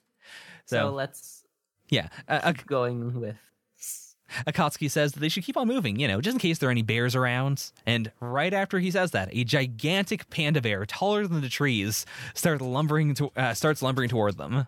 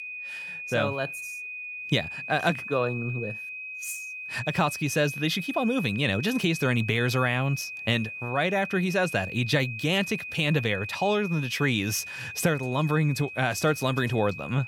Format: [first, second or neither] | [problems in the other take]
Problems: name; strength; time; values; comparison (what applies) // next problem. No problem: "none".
first | high-pitched whine; loud; throughout; 2.5 kHz, 8 dB below the speech